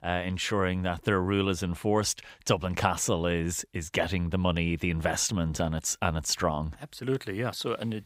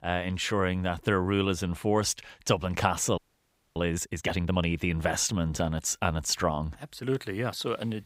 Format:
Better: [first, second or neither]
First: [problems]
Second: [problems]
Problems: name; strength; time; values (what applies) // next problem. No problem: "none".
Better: first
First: none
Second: audio freezing; at 3 s for 0.5 s